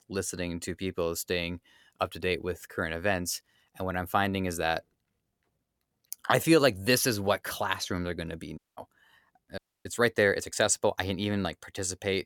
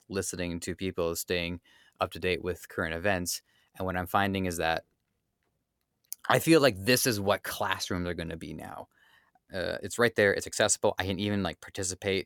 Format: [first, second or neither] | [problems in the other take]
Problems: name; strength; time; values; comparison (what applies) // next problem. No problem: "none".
second | audio cutting out; at 8.5 s and at 9.5 s